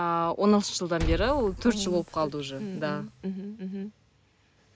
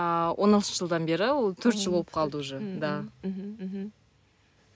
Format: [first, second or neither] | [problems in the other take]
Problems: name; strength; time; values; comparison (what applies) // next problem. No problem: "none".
second | background sound (Liquid); 9 dB below the speech